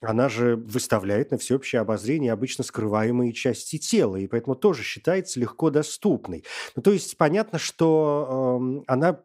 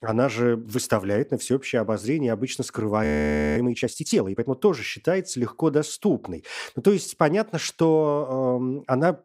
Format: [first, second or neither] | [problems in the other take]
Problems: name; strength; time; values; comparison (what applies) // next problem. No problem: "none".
first | audio freezing; at 3 s for 0.5 s